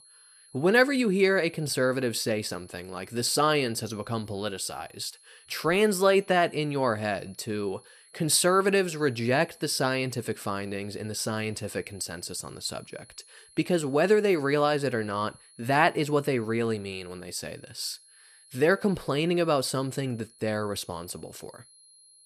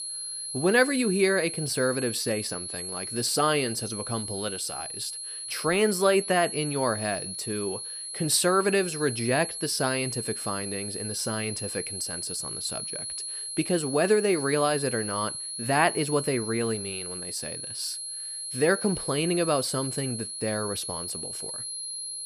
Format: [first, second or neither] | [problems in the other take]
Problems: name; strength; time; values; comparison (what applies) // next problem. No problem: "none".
first | high-pitched whine; loud; throughout; 11 kHz, 5 dB below the speech; faint in the first